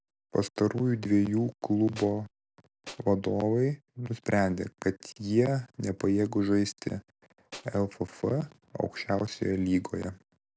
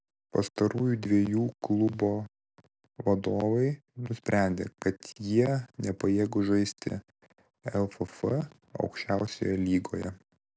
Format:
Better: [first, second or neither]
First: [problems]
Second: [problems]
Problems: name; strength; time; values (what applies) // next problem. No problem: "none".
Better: second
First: background sound (Tools); 17 dB below the speech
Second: none